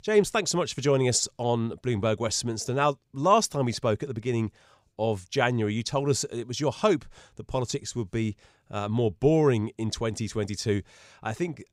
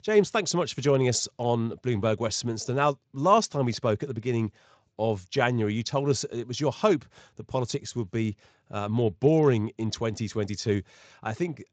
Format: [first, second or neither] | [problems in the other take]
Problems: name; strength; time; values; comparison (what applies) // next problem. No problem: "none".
first | garbled, watery; slightly; nothing above 7.5 kHz